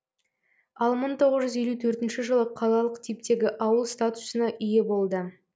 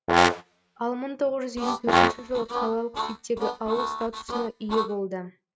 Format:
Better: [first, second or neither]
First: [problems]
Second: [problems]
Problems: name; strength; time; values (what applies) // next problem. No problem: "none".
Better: first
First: none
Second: noise reduction (neural mask model RNNoise)